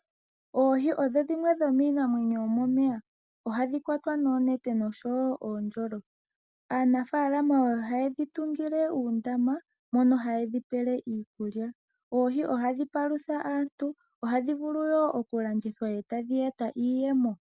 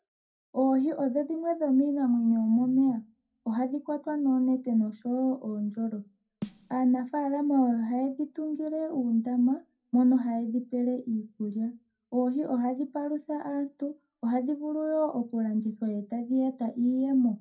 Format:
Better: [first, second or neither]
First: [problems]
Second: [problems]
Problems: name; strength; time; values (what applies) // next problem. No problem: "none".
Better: first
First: none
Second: background sound (Snare drum); 19 dB below the speech // room echo; dies away in 0.2 s